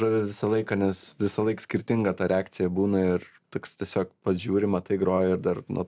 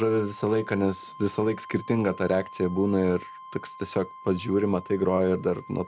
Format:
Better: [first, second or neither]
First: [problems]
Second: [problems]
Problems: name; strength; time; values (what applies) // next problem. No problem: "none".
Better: first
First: none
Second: background sound (Wind instrument, woodwind instrument); 18 dB below the speech